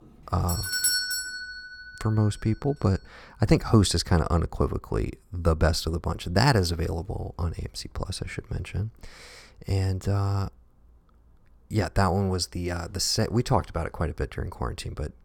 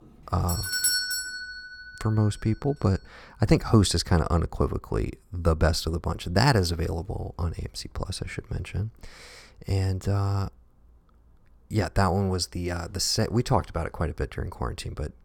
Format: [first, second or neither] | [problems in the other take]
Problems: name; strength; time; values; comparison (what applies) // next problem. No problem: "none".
neither | doorbell; loud; until 1.5 s; peak 4 dB above the speech; the same in both